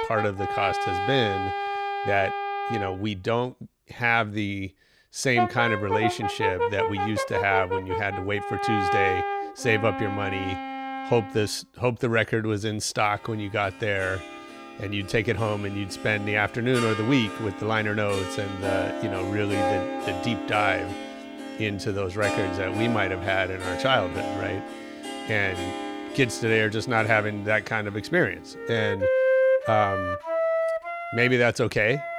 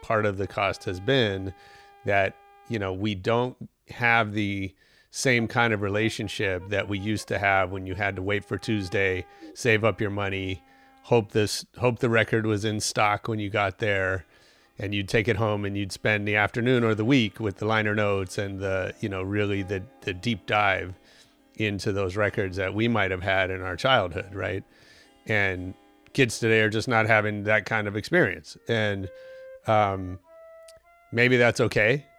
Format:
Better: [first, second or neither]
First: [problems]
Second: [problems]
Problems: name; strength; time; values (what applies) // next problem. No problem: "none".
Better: second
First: background music; loud; throughout; 3 dB below the speech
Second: background music; faint; throughout; 30 dB below the speech